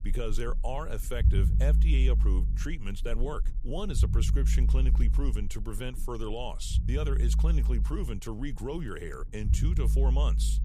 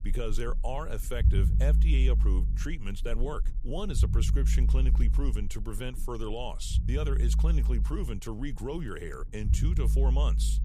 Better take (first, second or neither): neither